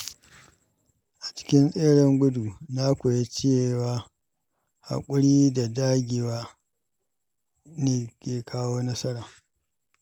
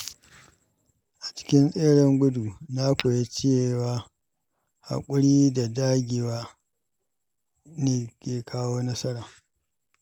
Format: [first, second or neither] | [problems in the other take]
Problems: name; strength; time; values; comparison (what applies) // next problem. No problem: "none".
first | background sound (Tap / Glass); 12 dB below the speech